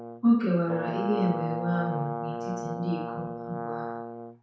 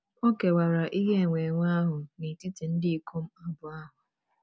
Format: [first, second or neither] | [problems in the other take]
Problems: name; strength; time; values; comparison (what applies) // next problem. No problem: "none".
second | background sound (Brass instrument); 6 dB below the speech // room echo; dies away in 0.5 s